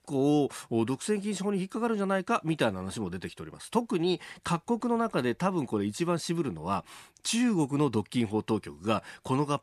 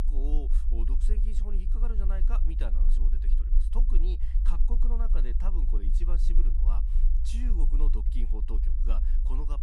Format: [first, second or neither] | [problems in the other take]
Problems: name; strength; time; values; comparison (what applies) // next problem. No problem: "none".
first | low rumble; loud; throughout; 6 dB below the speech